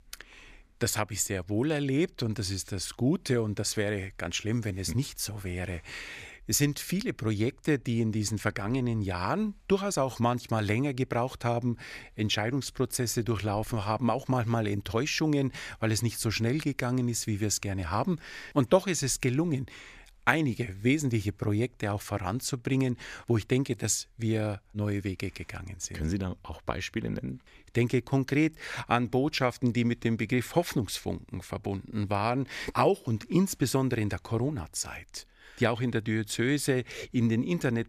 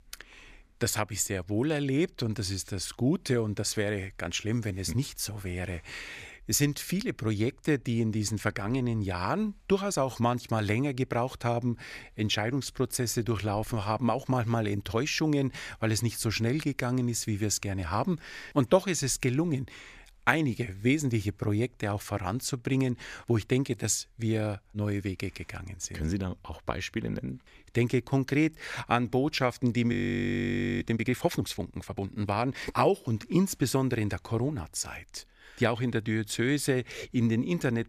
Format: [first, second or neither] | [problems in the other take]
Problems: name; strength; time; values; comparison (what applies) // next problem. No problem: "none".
first | audio freezing; at 30 s for 1 s